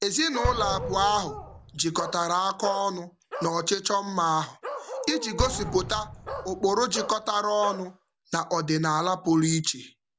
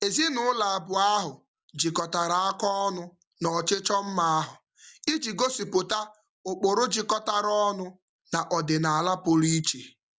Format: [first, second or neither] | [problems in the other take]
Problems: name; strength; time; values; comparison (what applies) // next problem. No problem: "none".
second | background sound (Bark + Explosion); 10 dB below the speech